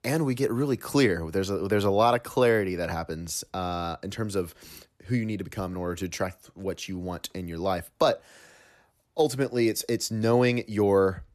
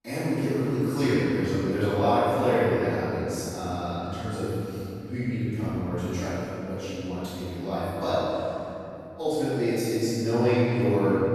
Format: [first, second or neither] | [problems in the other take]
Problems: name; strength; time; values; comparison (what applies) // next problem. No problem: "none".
first | room echo; strong; dies away in 3 s // off-mic speech; far